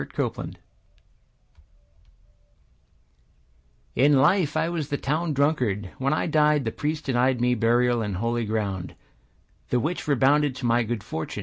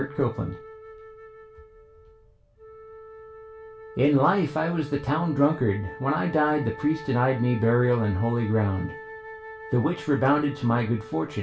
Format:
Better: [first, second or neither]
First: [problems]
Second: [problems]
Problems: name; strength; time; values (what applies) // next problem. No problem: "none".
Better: first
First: none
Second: background sound (Wind instrument, woodwind instrument); 16 dB below the speech // room echo; dies away in 0.3 s